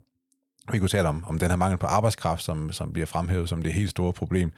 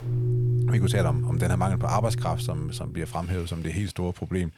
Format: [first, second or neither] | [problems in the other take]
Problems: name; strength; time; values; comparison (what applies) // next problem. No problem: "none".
first | background music; very loud; throughout; 2 dB above the speech